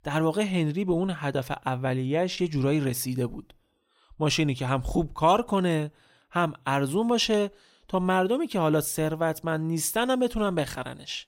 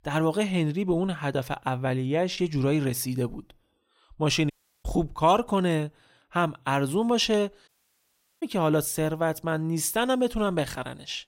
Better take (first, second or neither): first